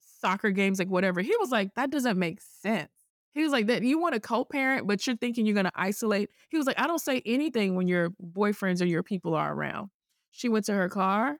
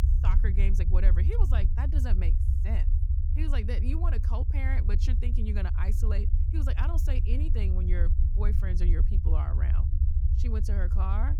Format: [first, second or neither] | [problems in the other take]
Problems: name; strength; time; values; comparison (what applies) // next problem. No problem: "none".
first | low rumble; loud; throughout; 4 dB below the speech